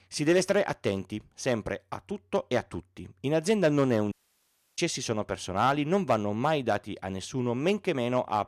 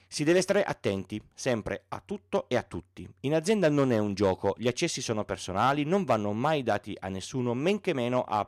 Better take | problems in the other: second | audio cutting out; at 4 s for 0.5 s

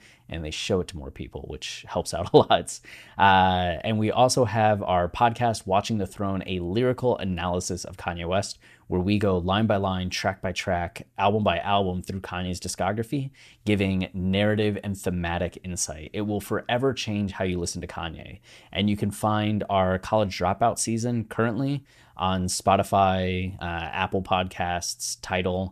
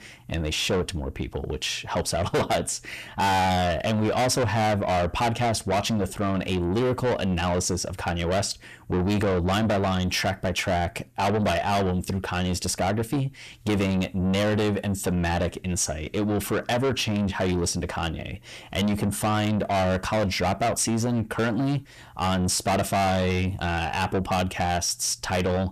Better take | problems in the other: first | distortion; heavy; 6 dB below the speech

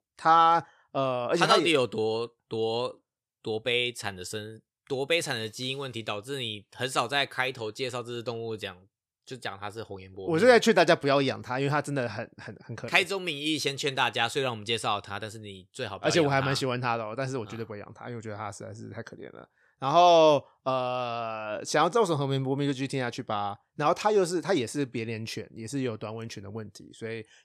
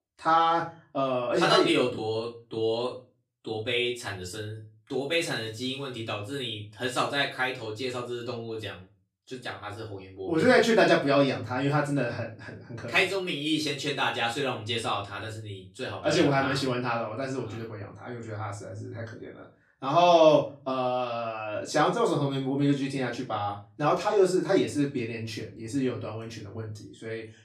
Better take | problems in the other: first | off-mic speech; far // room echo; slight; dies away in 0.3 s

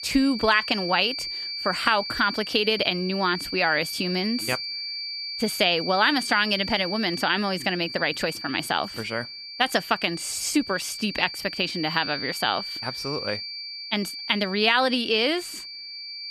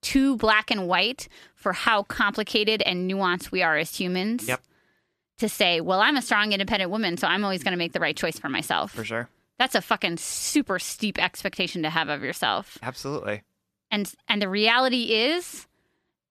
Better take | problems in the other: second | high-pitched whine; loud; throughout; 4.5 kHz, 7 dB below the speech

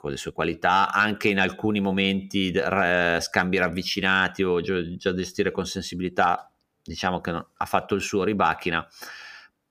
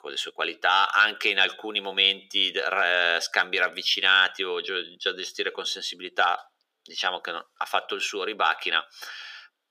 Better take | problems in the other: first | thin; very; fading below 400 Hz

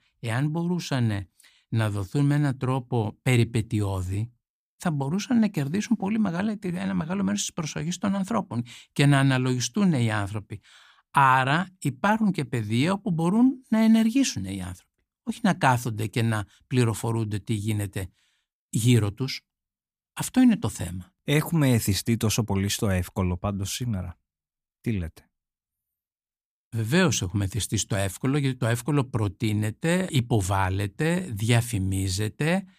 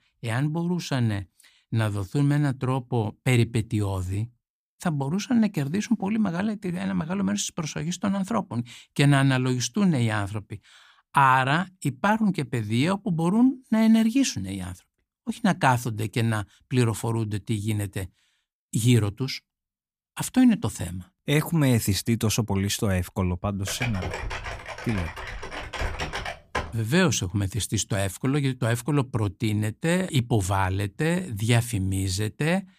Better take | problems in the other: first | keyboard typing; noticeable; from 24 to 27 s; peak 5 dB below the speech

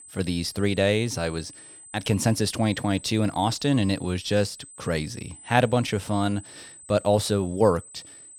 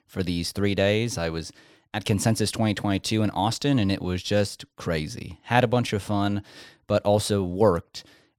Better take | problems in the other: second | high-pitched whine; noticeable; throughout; 8 kHz, 20 dB below the speech

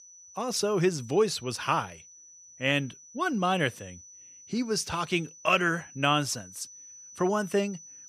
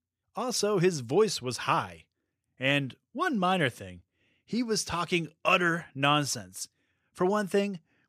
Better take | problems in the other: second | high-pitched whine; noticeable; throughout; 6 kHz, 20 dB below the speech

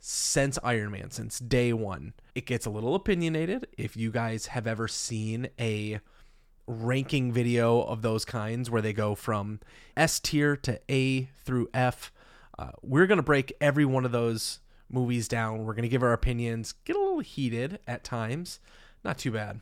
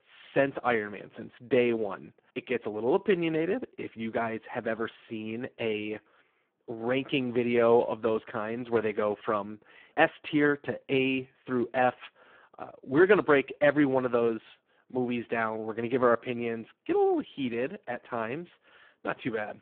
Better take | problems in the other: first | phone-call audio; poor line

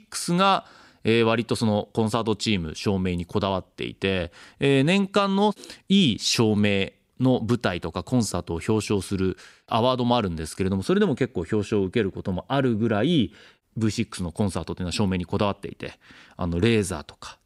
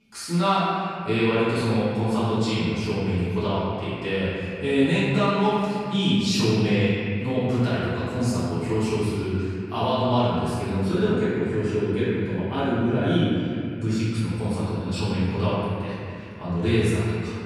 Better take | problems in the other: first | room echo; strong; dies away in 2.6 s // off-mic speech; far

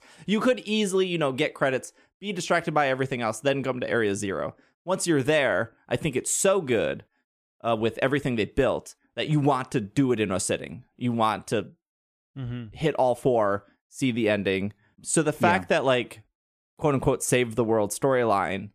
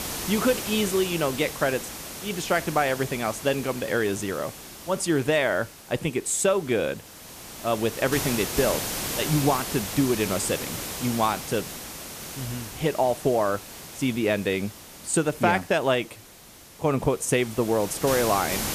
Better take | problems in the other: first | hiss; loud; throughout; 7 dB below the speech

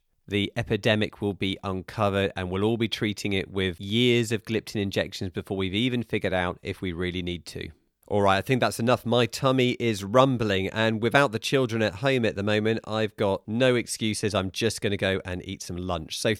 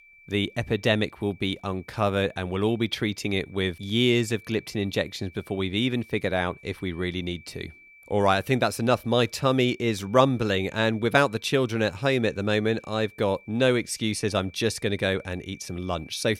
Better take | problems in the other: first | high-pitched whine; faint; throughout; 2.5 kHz, 25 dB below the speech

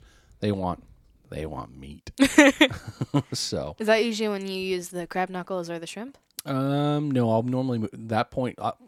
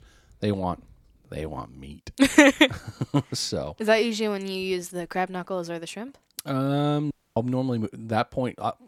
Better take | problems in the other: first | audio cutting out; at 7 s

